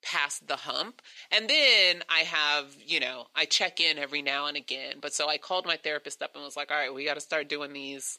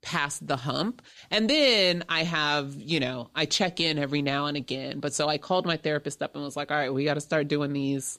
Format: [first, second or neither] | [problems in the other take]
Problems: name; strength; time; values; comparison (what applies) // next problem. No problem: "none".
second | thin; somewhat; fading below 550 Hz